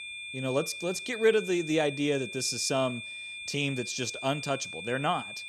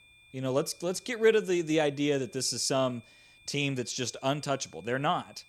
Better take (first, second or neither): second